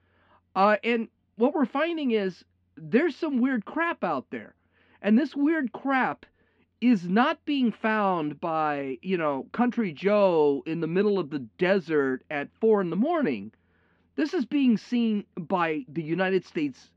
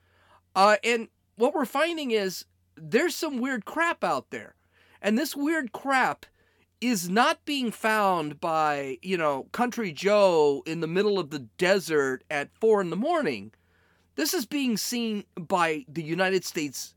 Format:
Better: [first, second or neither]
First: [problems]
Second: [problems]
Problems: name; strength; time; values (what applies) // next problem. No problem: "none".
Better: second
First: muffled; slightly; fading above 3 kHz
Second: none